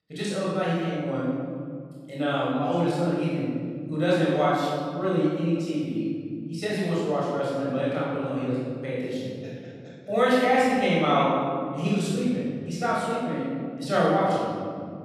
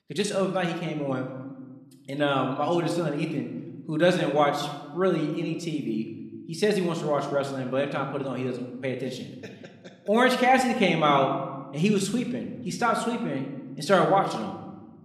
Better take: second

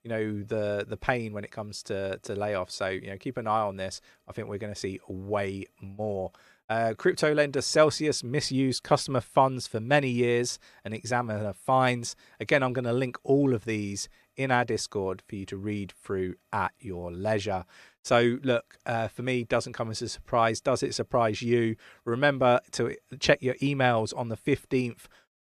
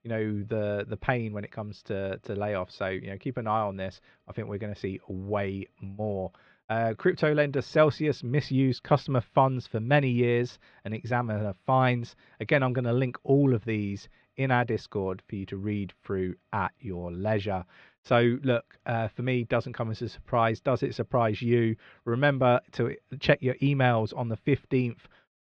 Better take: first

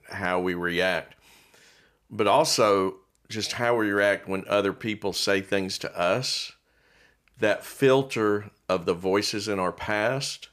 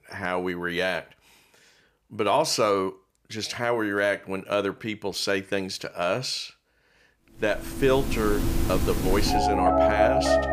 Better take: first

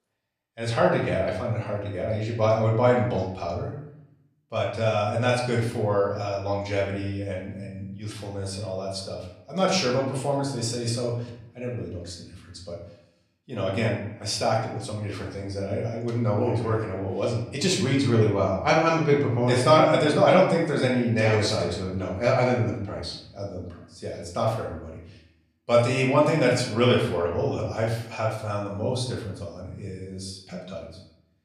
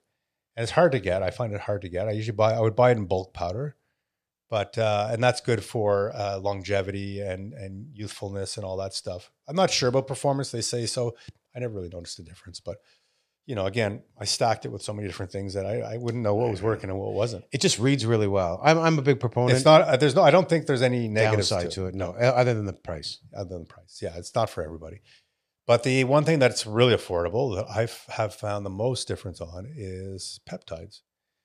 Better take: second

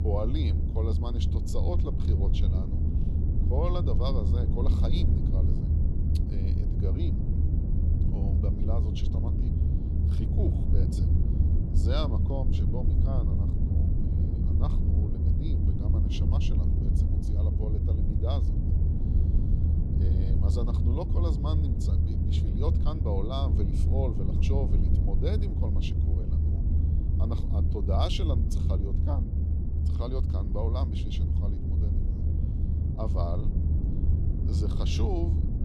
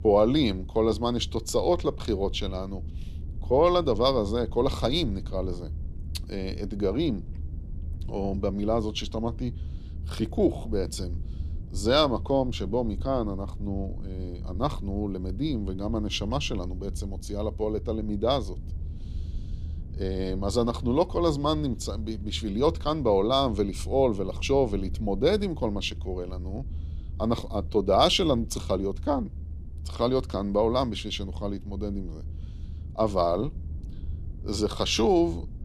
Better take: second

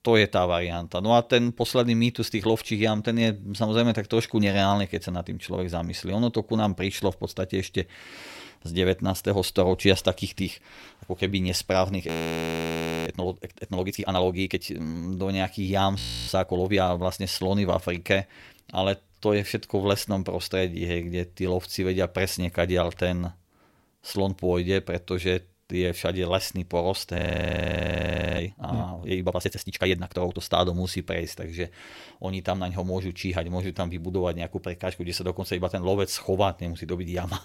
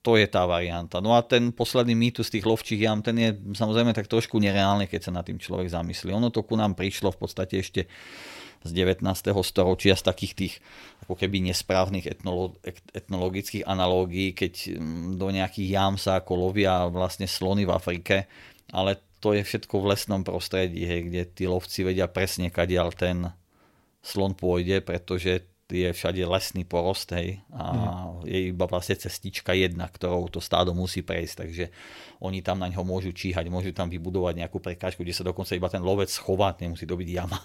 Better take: second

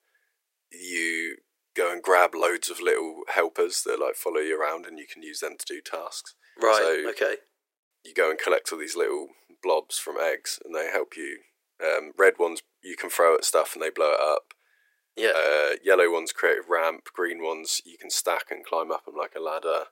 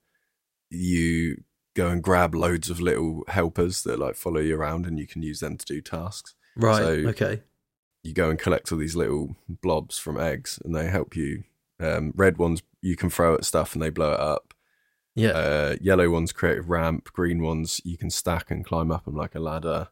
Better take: second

